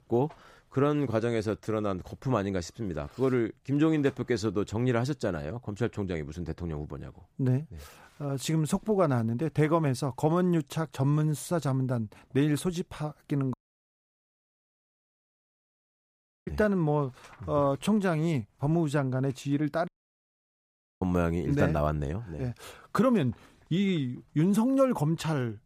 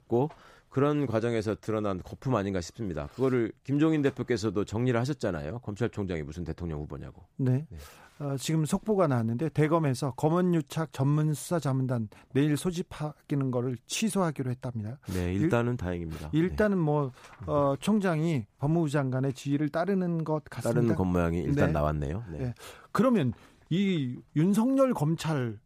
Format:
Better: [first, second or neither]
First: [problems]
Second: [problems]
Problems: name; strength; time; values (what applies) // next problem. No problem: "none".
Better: second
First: audio cutting out; at 14 s for 3 s and at 20 s for 1 s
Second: none